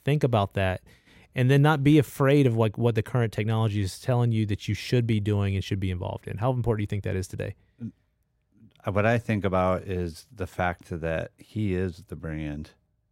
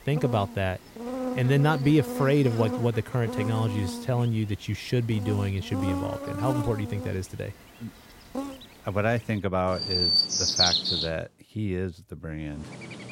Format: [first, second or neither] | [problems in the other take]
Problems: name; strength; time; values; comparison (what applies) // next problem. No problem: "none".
first | animal sounds; loud; throughout; 1 dB below the speech